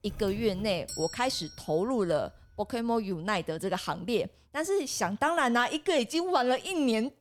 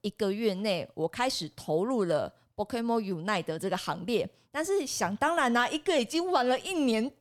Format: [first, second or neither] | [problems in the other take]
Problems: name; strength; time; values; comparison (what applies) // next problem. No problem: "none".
second | doorbell; noticeable; until 4 s; peak 8 dB below the speech